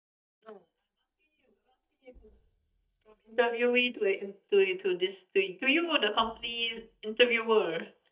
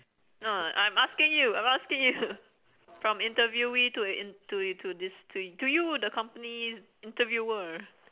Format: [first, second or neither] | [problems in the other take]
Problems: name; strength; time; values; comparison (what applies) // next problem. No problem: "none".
second | noise reduction (neural mask model DeepFilterNet 3)